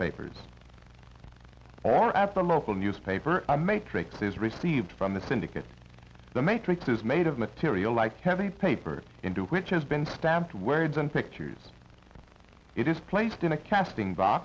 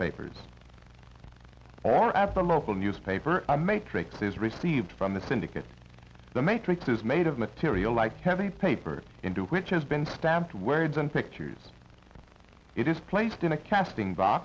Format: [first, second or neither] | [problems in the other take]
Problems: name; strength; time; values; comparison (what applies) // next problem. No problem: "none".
first | background sound (Bowed string instrument); 18 dB below the speech